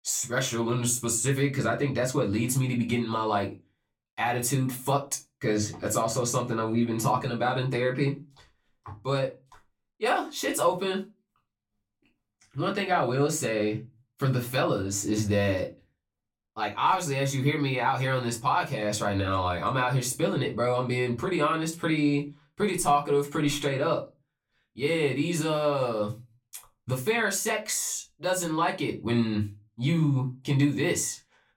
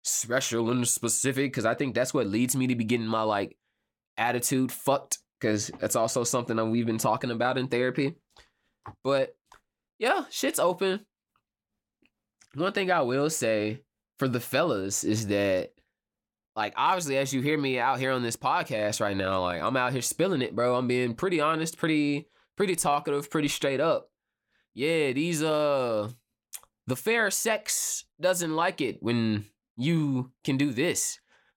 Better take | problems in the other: second | off-mic speech; far // room echo; very slight; dies away in 0.2 s

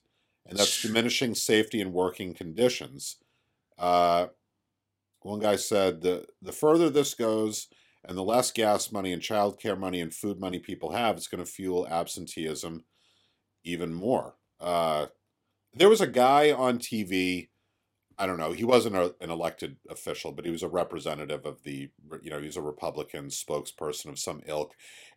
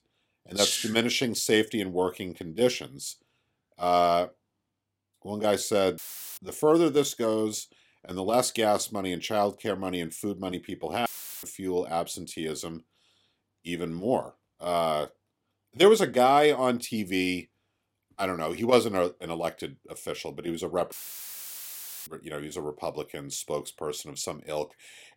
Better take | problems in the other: first | audio cutting out; filled with static; at 6 s, at 11 s and at 21 s for 1 s

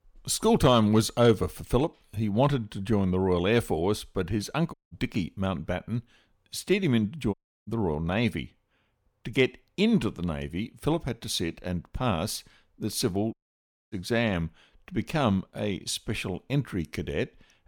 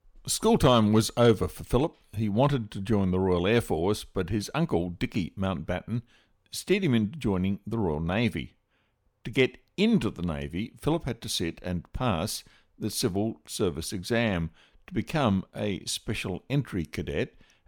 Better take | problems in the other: second | audio cutting out; at 4.5 s, at 7.5 s and at 13 s for 0.5 s

